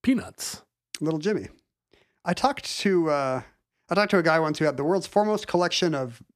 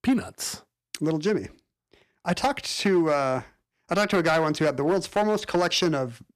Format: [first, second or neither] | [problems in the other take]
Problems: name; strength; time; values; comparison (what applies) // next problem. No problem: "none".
first | distortion; slight; 5% of the sound clipped